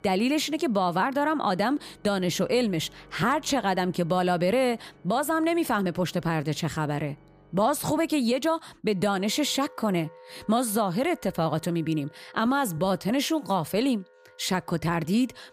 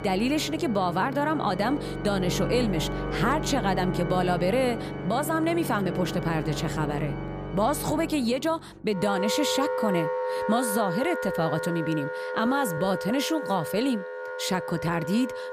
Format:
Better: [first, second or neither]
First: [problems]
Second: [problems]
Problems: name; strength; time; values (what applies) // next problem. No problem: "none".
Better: first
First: background music; faint; throughout; 25 dB below the speech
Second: background music; loud; throughout; 5 dB below the speech